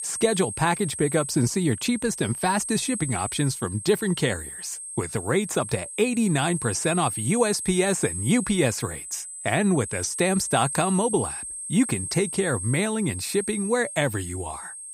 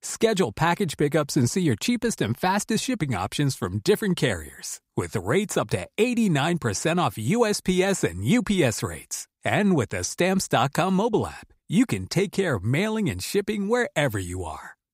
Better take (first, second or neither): second